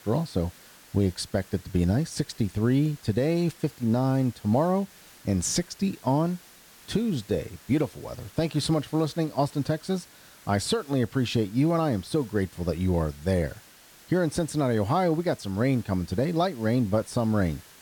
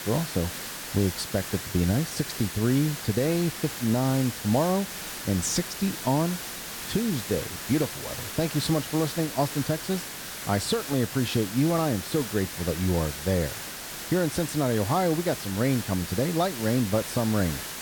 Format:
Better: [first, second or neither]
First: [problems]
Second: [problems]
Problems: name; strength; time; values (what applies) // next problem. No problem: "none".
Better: first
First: hiss; faint; throughout; 25 dB below the speech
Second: hiss; loud; throughout; 7 dB below the speech